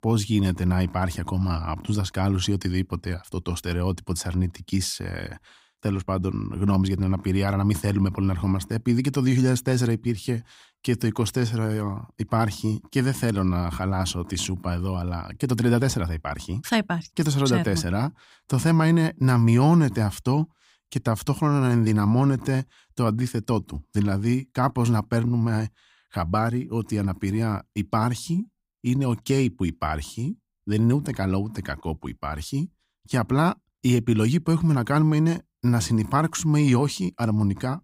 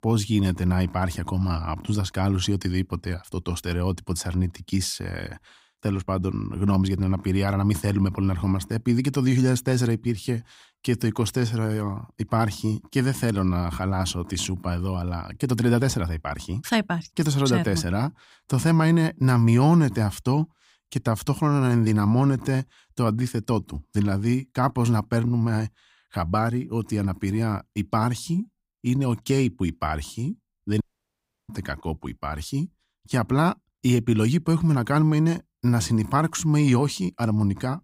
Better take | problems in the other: first | audio cutting out; at 31 s for 0.5 s

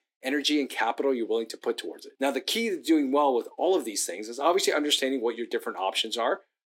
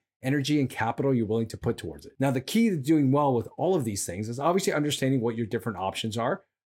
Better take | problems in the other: second | thin; somewhat; fading below 300 Hz

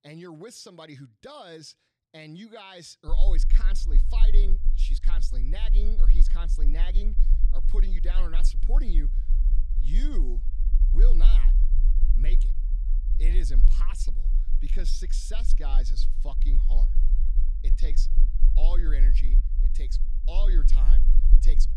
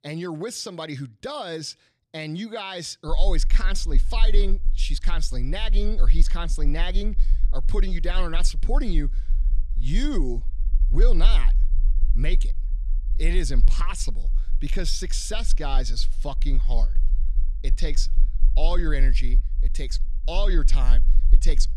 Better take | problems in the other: second | low rumble; loud; from 3 s on; 9 dB below the speech; faint in the second

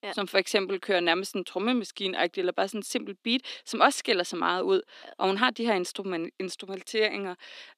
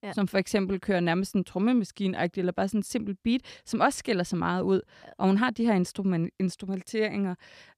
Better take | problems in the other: second | thin; somewhat; fading below 250 Hz

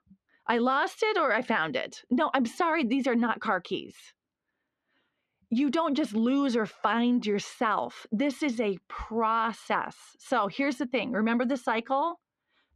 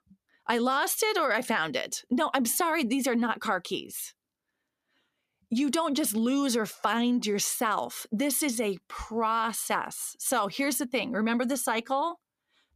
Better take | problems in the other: second | muffled; slightly; fading above 3 kHz

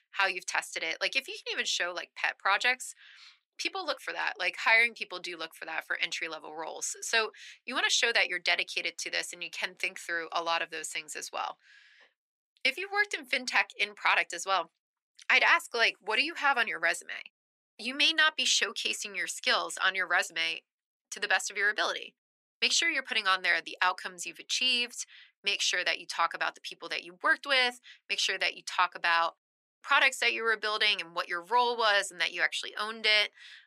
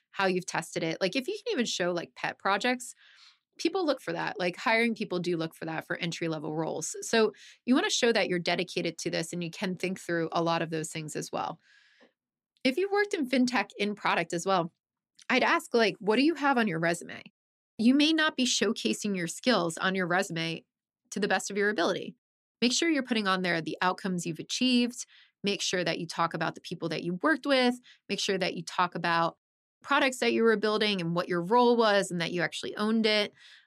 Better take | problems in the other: second | thin; very; fading below 800 Hz

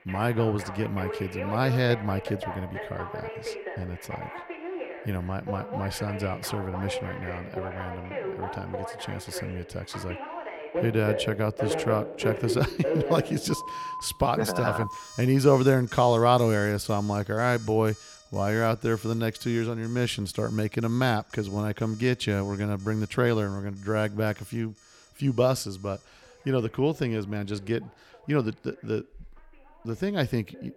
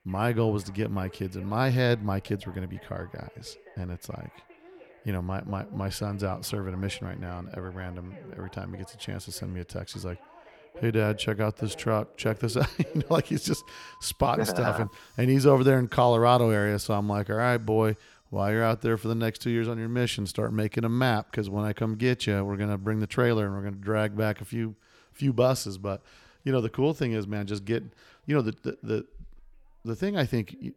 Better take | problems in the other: second | alarms or sirens; loud; throughout; 8 dB below the speech; faint in the second

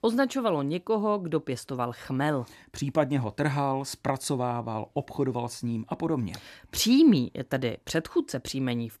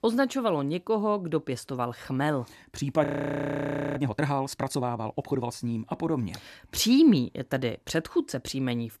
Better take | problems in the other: first | audio freezing; at 3 s for 1 s

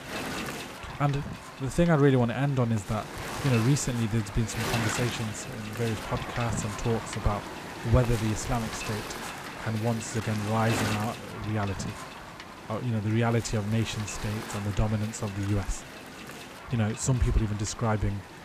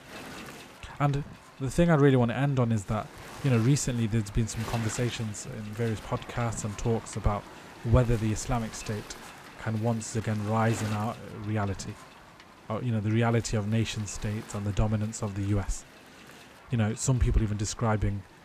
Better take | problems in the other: second | wind noise on the microphone; heavy; 4 dB below the speech; occasional gusts in the second

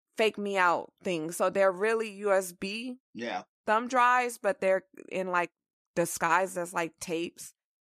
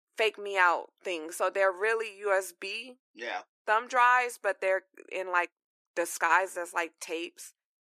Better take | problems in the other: first | thin; very; fading below 350 Hz

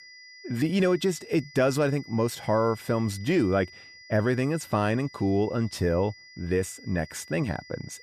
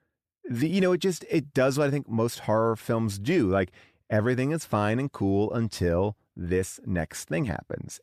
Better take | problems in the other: second | high-pitched whine; noticeable; throughout; 2 kHz, 20 dB below the speech

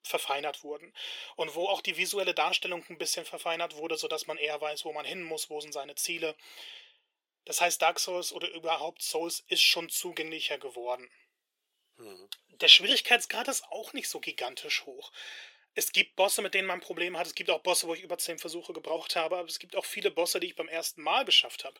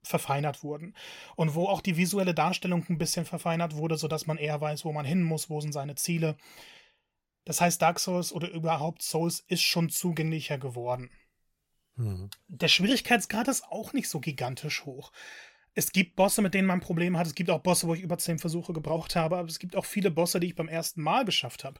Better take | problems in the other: second | thin; very; fading below 350 Hz

